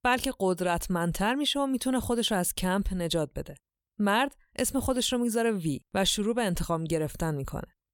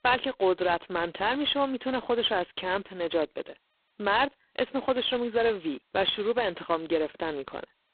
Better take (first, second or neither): first